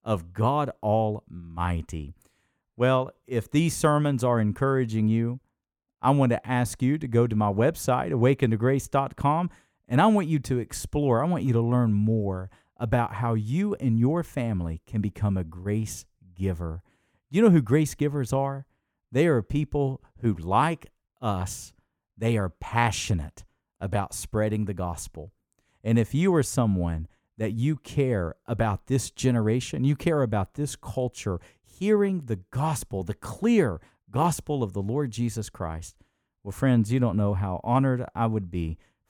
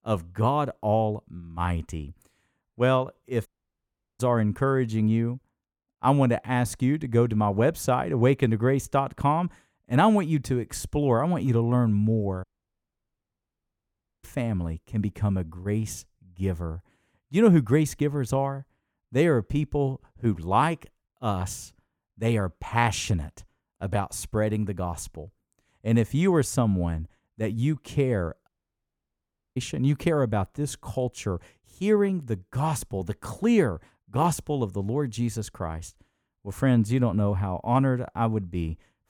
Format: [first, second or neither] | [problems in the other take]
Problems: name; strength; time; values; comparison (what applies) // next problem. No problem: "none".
first | audio cutting out; at 3.5 s for 0.5 s, at 12 s for 2 s and at 28 s for 1 s